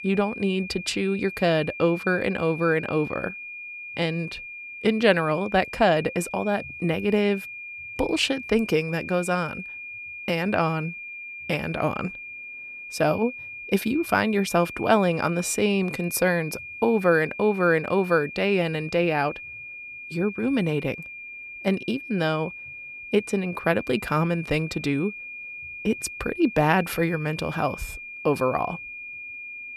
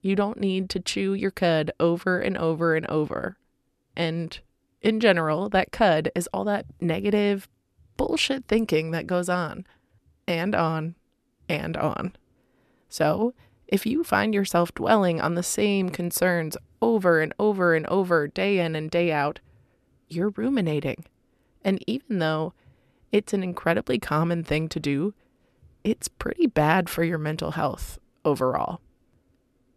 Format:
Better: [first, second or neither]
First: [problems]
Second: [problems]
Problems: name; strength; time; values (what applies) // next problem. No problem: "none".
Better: second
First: high-pitched whine; noticeable; throughout; 2.5 kHz, 10 dB below the speech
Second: none